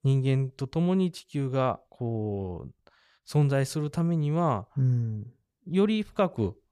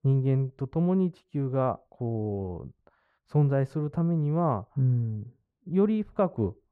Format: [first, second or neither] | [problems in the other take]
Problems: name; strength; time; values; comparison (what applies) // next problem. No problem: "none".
first | muffled; very; fading above 2.5 kHz